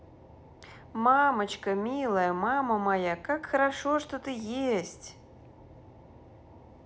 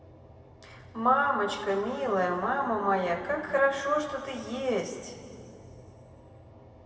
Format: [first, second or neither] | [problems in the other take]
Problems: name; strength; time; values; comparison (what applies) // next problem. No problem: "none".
first | room echo; dies away in 2.6 s